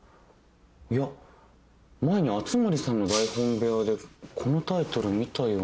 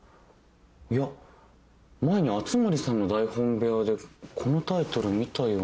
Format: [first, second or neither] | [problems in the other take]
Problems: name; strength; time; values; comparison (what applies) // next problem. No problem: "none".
second | background sound (Shatter); 11 dB below the speech